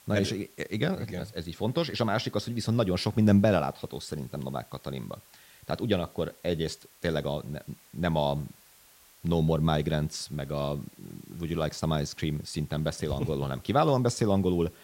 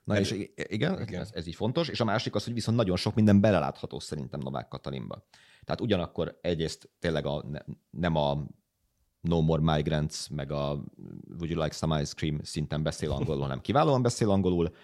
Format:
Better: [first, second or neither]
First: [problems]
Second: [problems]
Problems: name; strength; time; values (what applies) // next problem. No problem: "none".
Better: second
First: hiss; faint; throughout; 25 dB below the speech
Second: none